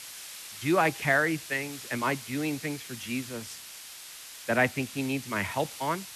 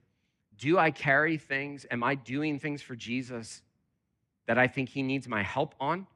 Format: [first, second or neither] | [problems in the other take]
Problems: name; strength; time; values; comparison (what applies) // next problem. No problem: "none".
second | hiss; noticeable; throughout; 10 dB below the speech